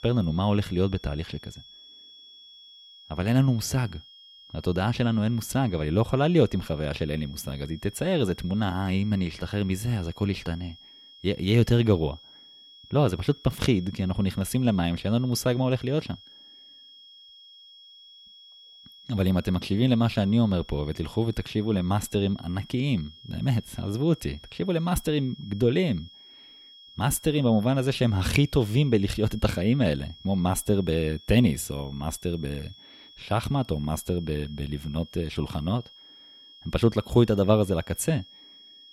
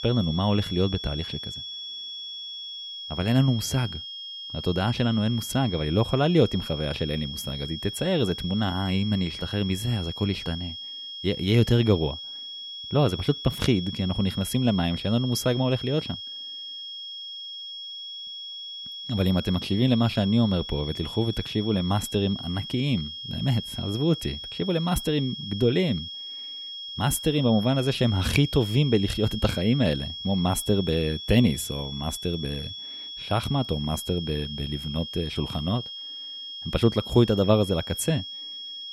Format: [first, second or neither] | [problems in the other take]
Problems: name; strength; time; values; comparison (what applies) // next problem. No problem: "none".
first | high-pitched whine; loud; throughout; 3.5 kHz, 9 dB below the speech; faint in the first